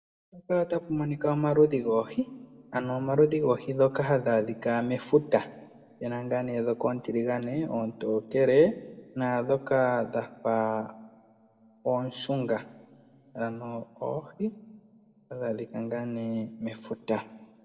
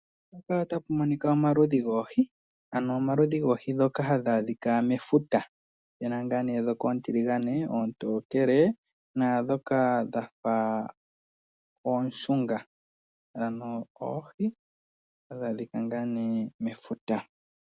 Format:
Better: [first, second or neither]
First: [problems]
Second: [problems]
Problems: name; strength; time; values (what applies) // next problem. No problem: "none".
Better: second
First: room echo; dies away in 0.9 s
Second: none